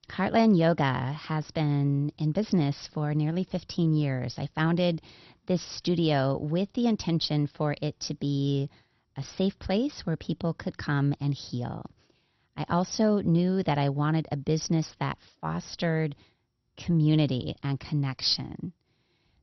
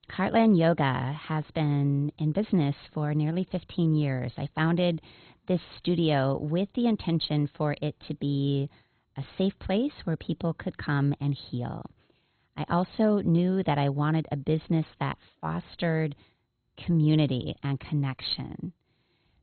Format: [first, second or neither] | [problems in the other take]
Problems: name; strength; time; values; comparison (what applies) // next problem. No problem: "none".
first | garbled, watery; badly; nothing above 4 kHz; slightly in the first